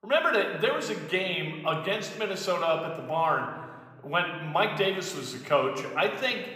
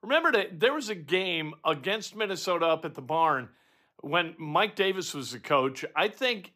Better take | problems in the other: second | room echo; slight; dies away in 1.2 s // off-mic speech; somewhat distant

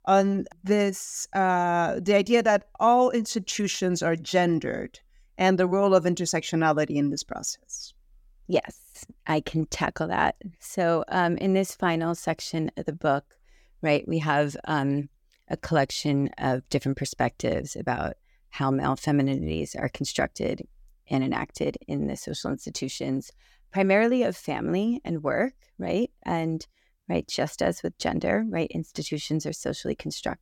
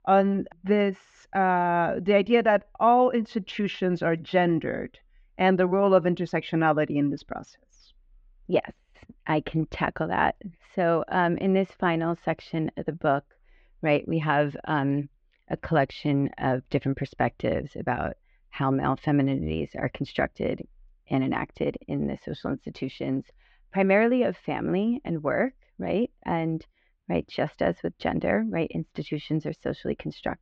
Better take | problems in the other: first | muffled; very; fading above 3 kHz

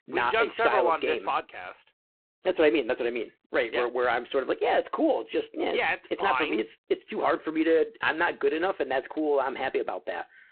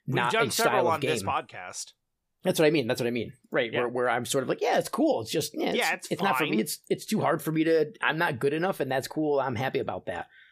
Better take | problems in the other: second | phone-call audio; poor line

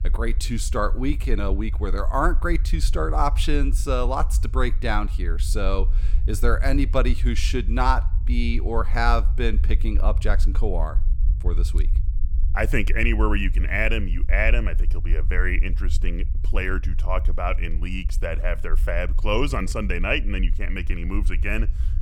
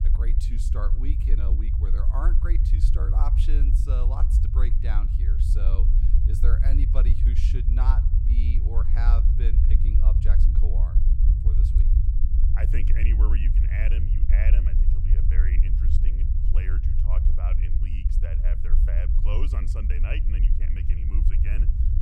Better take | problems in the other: first | low rumble; loud; throughout; 2 dB below the speech; faint in the first

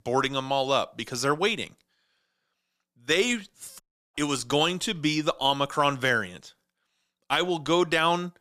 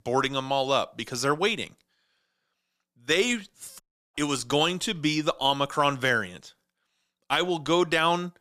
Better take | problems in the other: neither | audio cutting out; at 4 s; the same in both

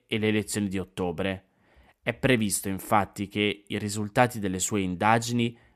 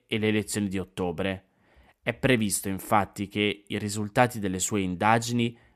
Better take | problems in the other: neither | none

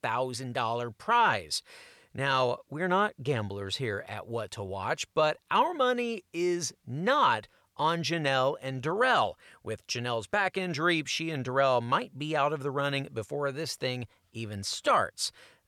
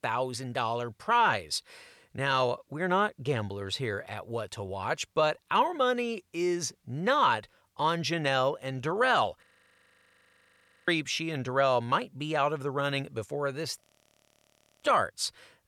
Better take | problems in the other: first | audio freezing; at 9.5 s for 1.5 s and at 14 s for 1 s

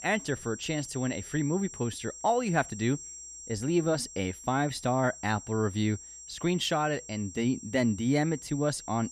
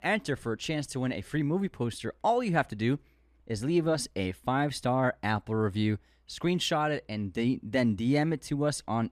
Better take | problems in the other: second | high-pitched whine; noticeable; throughout; 7.5 kHz, 15 dB below the speech

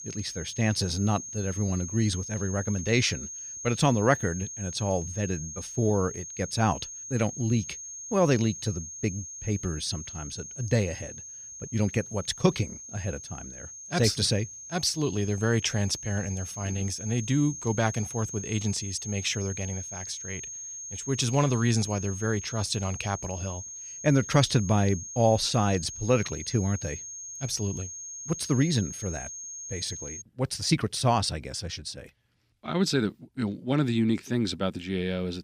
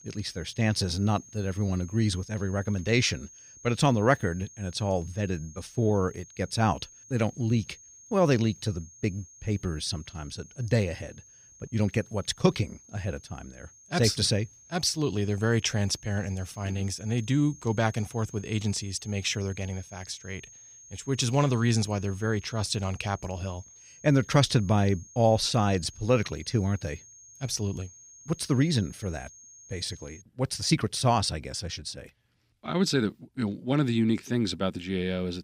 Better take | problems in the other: second | high-pitched whine; loud; until 30 s; 6.5 kHz, 9 dB below the speech; faint in the second

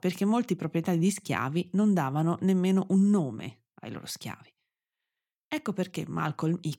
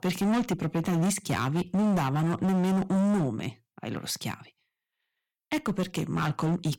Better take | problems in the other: first | distortion; heavy; 18% of the sound clipped

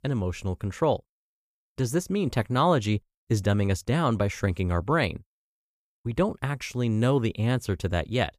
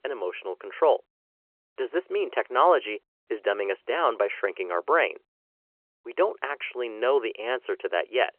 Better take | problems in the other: first | phone-call audio

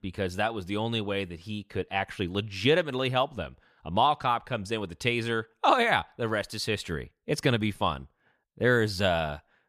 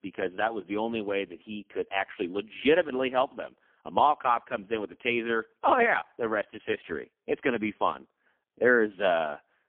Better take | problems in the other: first | phone-call audio; poor line; nothing above 3.5 kHz

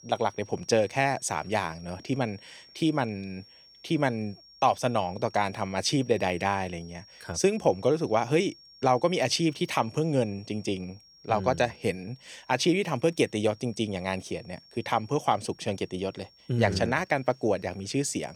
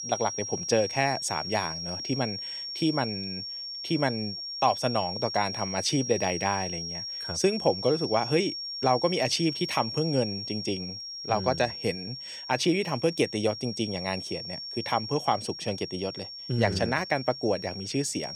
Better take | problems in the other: first | high-pitched whine; loud; throughout; 5.5 kHz, 6 dB below the speech; faint in the first

